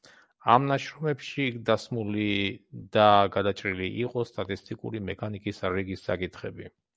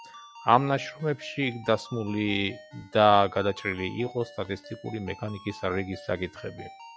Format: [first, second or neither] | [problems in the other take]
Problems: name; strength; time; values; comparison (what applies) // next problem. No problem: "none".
first | noise reduction (classical method log-MMSE)